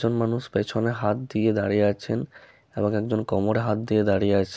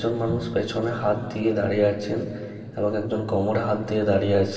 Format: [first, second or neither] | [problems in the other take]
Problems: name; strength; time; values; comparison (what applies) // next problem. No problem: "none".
first | background sound (Bowed string instrument); 16 dB below the speech // room echo; dies away in 2.4 s